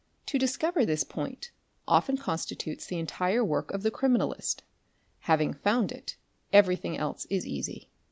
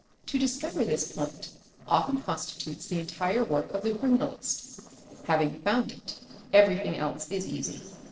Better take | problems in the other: first | noise reduction (neural separator model SepFormer DNS4)

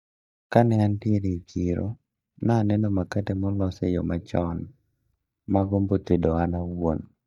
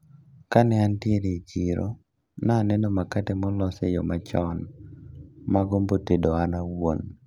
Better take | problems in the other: second | noise reduction (neural mask model DeepFilterNet 3)

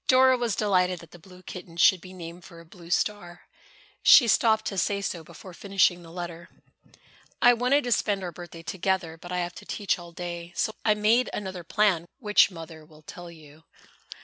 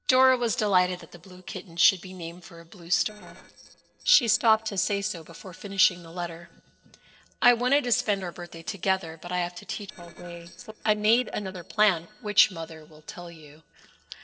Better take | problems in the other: first | noise reduction (neural separator model SepFormer DNS4)

